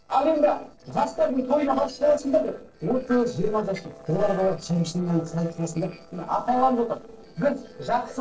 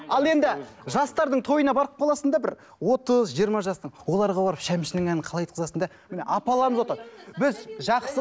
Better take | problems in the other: second | noise reduction (neural separator model SepFormer DNS4)

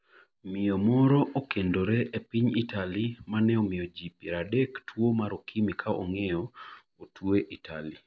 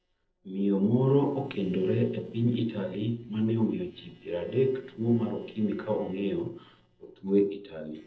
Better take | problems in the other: first | noise reduction (neural separator model SepFormer DNS4)

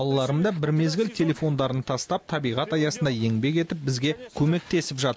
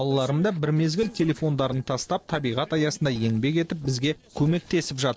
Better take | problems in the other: first | noise reduction (neural separator model SepFormer DNS4)

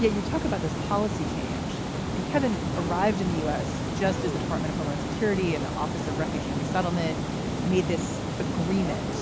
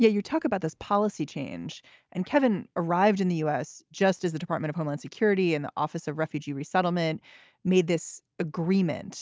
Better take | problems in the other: second | background sound (Water); as loud as the speech

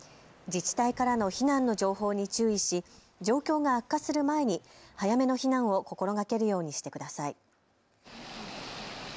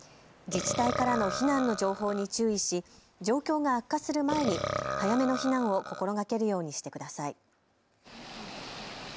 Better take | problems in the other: first | background sound (Burping, eructation); 6 dB below the speech

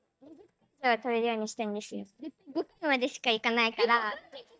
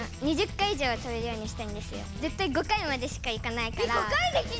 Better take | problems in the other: second | noise reduction (neural mask model DeepFilterNet 3)

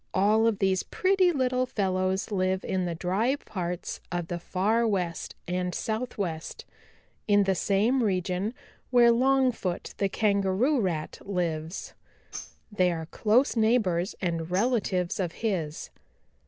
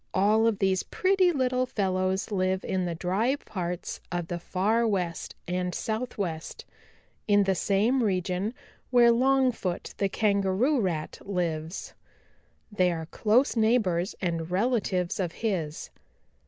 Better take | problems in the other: second | background sound (Tambourine); 19 dB below the speech

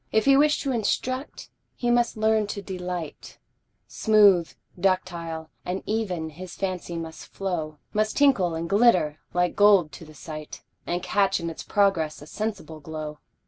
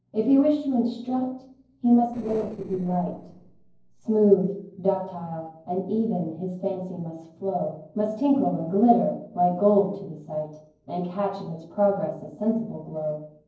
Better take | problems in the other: first | noise reduction (neural separator model SepFormer DNS4)

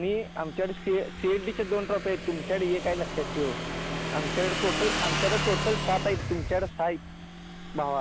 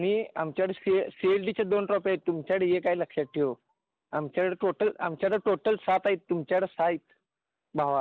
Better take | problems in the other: second | background sound (Motorcycle / Engine); 3 dB below the speech

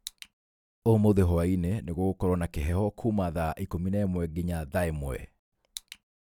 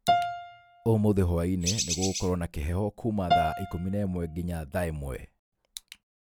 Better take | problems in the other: first | background sound (Piano + Bird); 3 dB below the speech

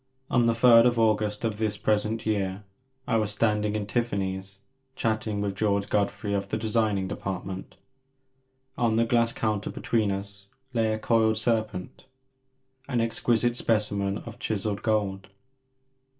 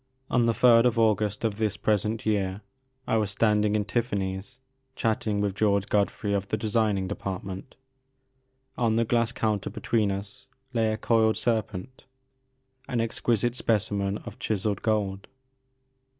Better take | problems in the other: second | room echo; dies away in 0.2 s

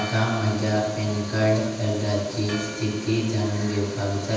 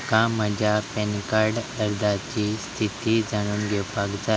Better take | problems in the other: second | background sound (Church bell); 17 dB below the speech // room echo; dies away in 1.1 s

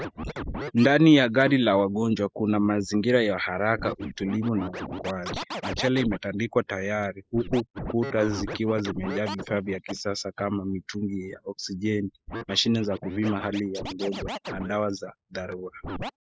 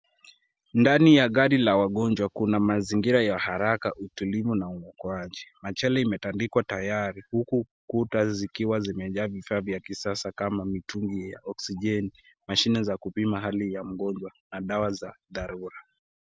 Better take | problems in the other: second | noise reduction (neural mask model Resemble Enhance denoiser)

